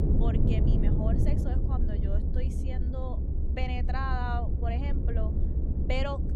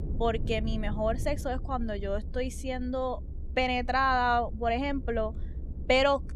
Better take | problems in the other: second | low rumble; loud; throughout; 3 dB below the speech; faint in the second

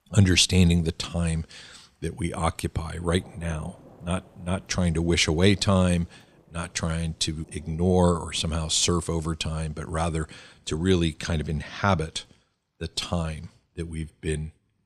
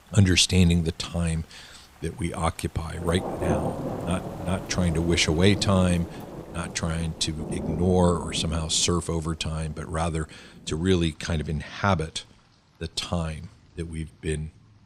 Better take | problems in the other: first | rain or running water; loud; throughout; 9 dB below the speech; faint in the first

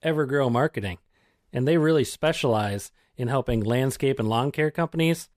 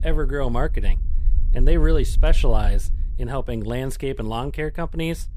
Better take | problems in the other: first | low rumble; faint; throughout; 20 dB below the speech

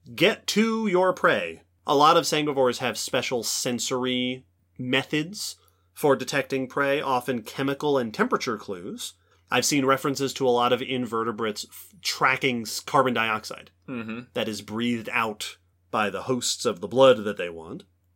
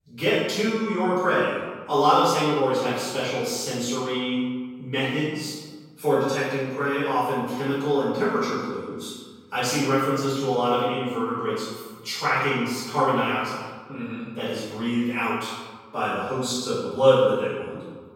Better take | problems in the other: first | room echo; strong; dies away in 1.3 s // off-mic speech; far

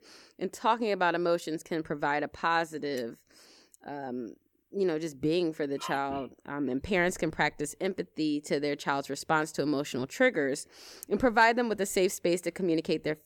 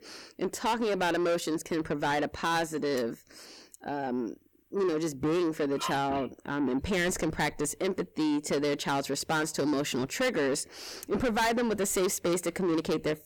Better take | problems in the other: first | distortion; heavy; 6 dB below the speech

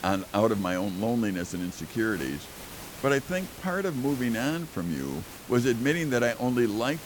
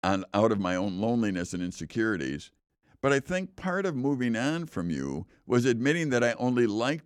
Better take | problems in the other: second | hiss; noticeable; throughout; 15 dB below the speech

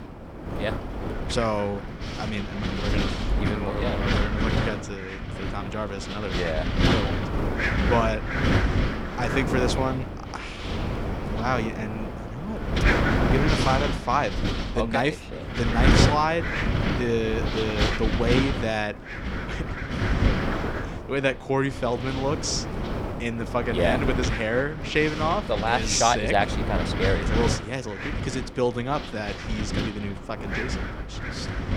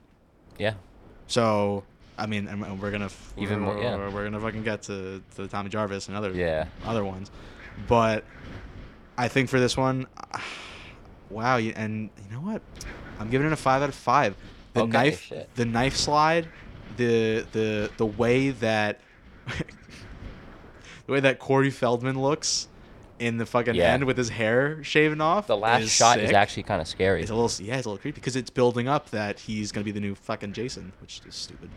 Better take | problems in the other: second | wind noise on the microphone; heavy; 3 dB below the speech; occasional gusts in the second

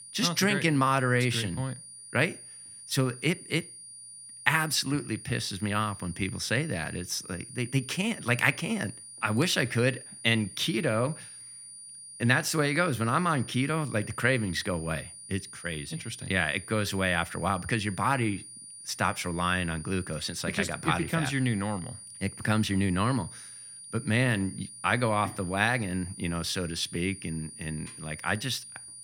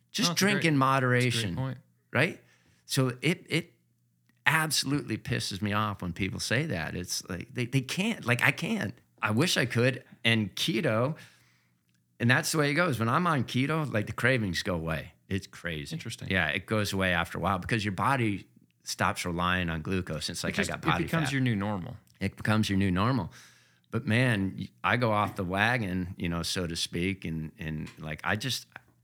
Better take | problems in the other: second | high-pitched whine; noticeable; throughout; 9.5 kHz, 15 dB below the speech

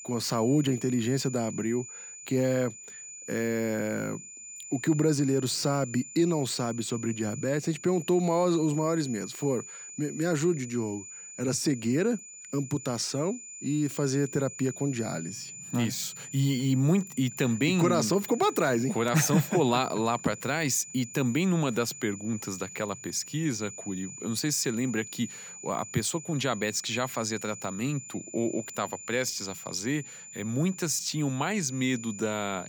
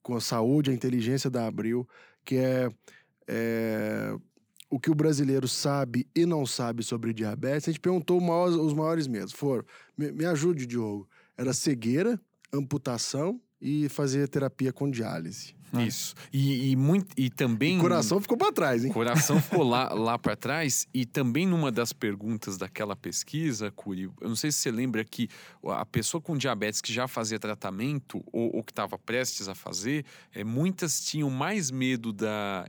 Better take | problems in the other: second | high-pitched whine; noticeable; throughout; 7 kHz, 10 dB below the speech

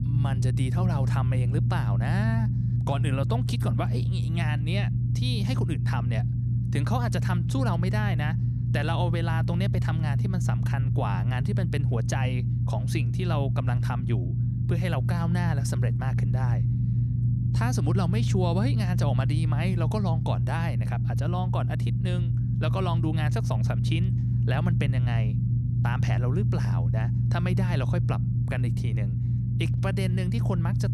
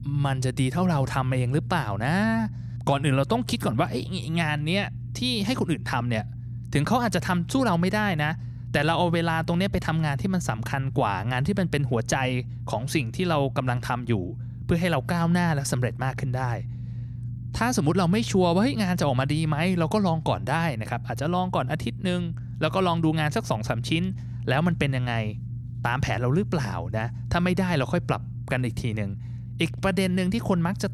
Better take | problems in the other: second | low rumble; loud; throughout; 4 dB below the speech; faint in the second

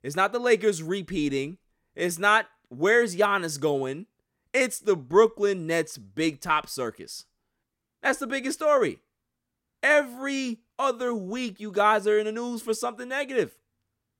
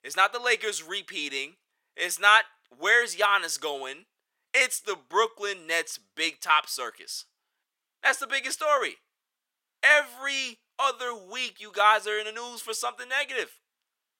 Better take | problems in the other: first | thin; very; fading below 850 Hz

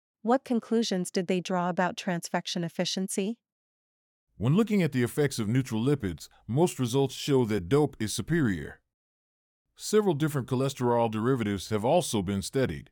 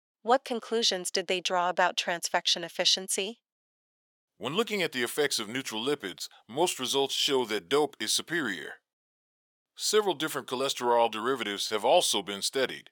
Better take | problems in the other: first | thin; somewhat; fading below 500 Hz

